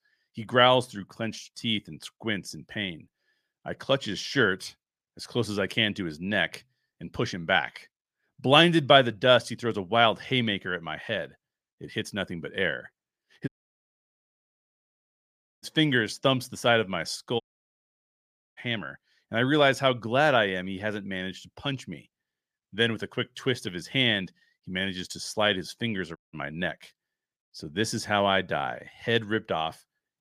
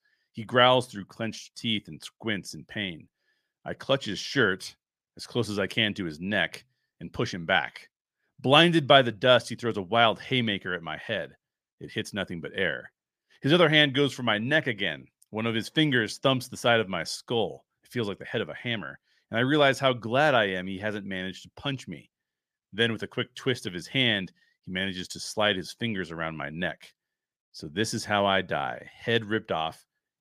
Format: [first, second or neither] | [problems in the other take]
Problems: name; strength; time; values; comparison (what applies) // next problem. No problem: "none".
second | audio cutting out; at 13 s for 2 s, at 17 s for 1 s and at 26 s